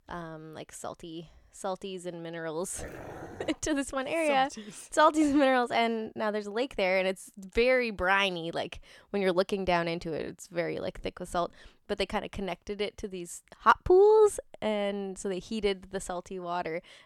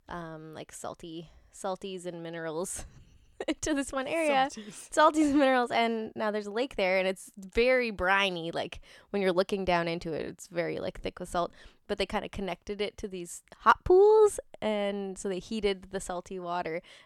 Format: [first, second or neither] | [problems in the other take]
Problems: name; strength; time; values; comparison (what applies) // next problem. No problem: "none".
second | dog barking; faint; at 2.5 s; peak 15 dB below the speech